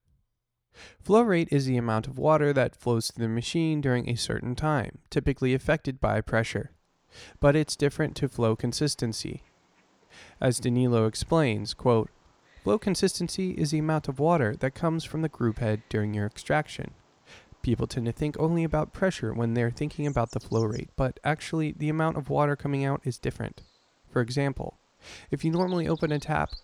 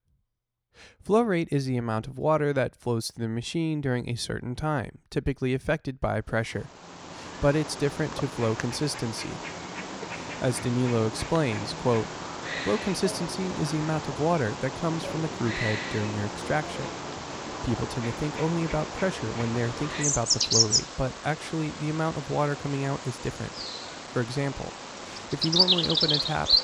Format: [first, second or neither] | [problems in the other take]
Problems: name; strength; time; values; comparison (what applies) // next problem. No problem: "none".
first | animal sounds; loud; from 7 s on; 1 dB below the speech; faint in the first